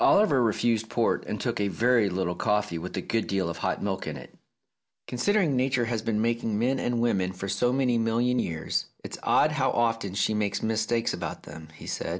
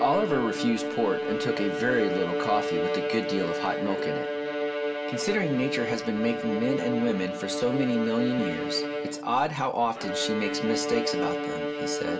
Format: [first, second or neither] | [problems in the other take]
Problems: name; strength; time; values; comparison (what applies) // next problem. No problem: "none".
first | background sound (Bowed string instrument); 2 dB below the speech // room echo; dies away in 0.3 s